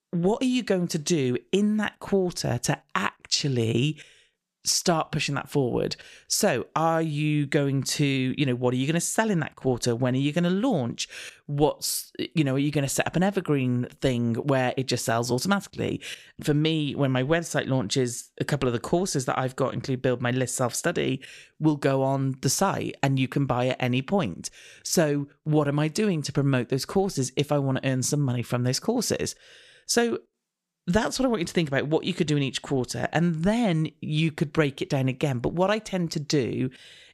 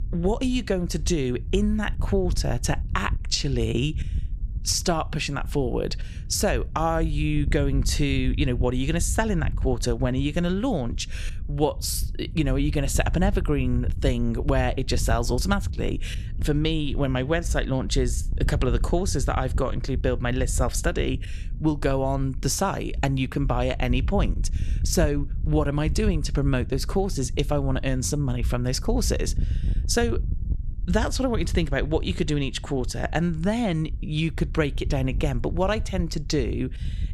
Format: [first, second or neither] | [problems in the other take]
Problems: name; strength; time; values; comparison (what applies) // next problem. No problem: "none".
first | wind noise on the microphone; occasional gusts; 20 dB below the speech